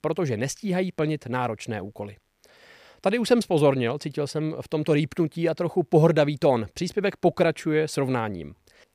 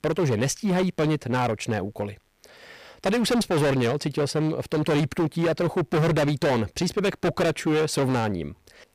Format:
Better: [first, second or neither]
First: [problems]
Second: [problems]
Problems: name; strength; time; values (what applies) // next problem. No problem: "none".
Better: first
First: none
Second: distortion; heavy; 19% of the sound clipped